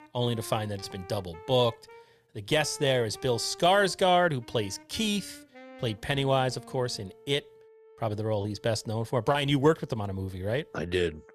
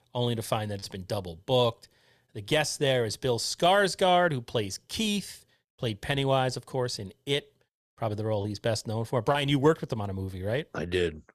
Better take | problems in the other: second | background music; faint; throughout; 20 dB below the speech

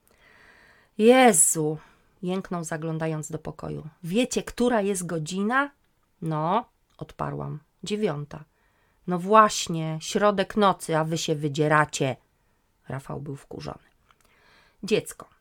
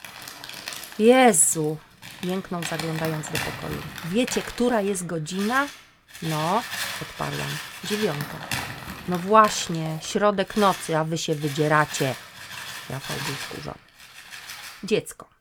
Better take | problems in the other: first | household noises; noticeable; throughout; 10 dB below the speech

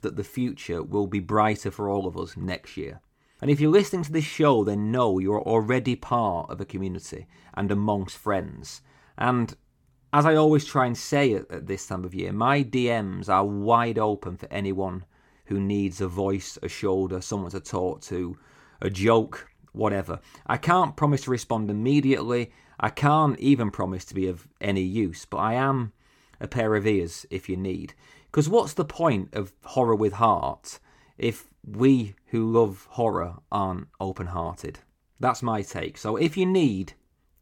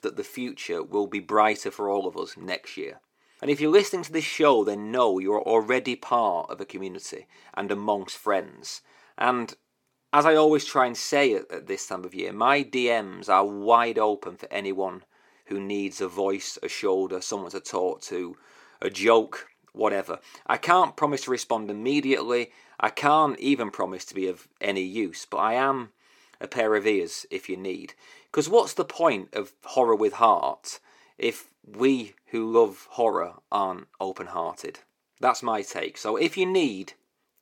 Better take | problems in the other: first | thin; somewhat; fading below 400 Hz

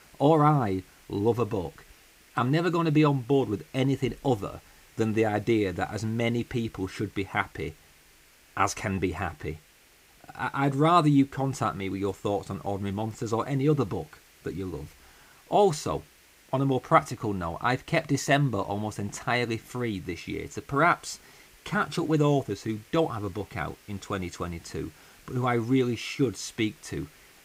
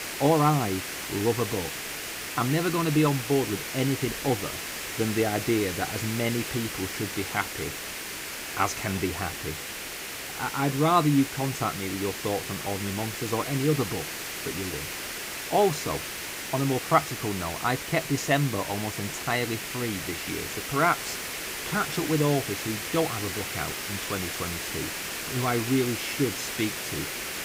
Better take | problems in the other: first | hiss; loud; throughout; 4 dB below the speech; faint in the first

